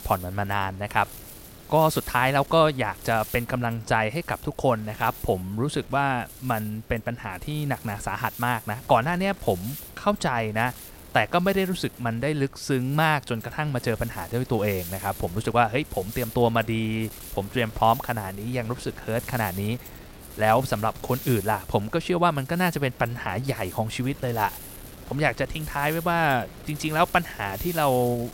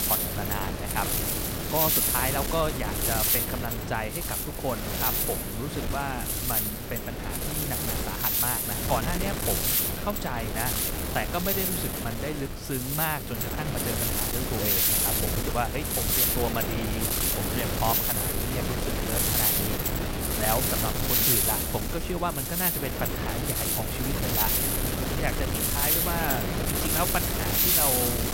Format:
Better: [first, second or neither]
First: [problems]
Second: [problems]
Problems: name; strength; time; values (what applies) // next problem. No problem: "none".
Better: first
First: wind noise on the microphone; occasional gusts; 20 dB below the speech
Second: wind noise on the microphone; heavy; 2 dB above the speech